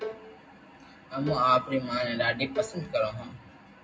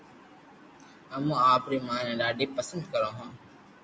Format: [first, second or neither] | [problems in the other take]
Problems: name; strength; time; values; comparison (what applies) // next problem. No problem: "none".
second | background sound (Bowed string instrument); 13 dB below the speech // room echo; dies away in 0.3 s